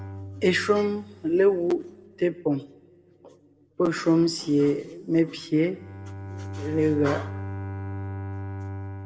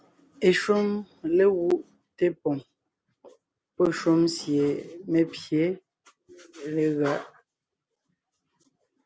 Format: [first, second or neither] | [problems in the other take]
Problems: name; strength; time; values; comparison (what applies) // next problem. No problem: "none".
second | background sound (Bowed string instrument); 12 dB below the speech // room echo; dies away in 1.3 s